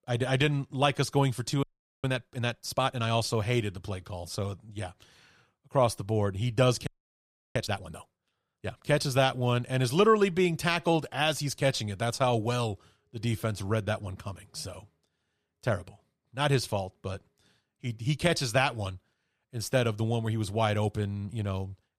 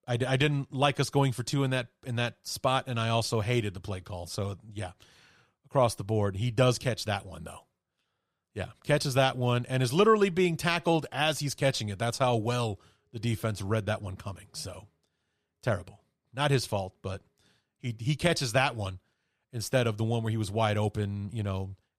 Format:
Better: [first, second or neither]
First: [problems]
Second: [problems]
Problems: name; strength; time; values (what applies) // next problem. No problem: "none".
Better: second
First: audio freezing; at 1.5 s and at 7 s for 0.5 s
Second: none